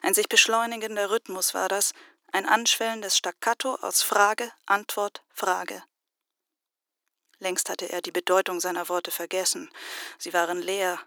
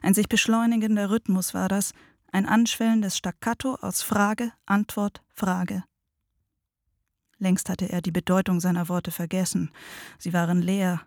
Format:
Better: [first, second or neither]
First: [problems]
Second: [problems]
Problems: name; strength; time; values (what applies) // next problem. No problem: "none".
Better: second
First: thin; very; fading below 350 Hz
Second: none